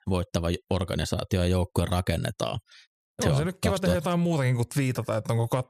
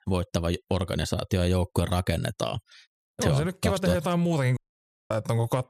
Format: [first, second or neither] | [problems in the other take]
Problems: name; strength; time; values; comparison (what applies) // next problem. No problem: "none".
first | audio cutting out; at 4.5 s for 0.5 s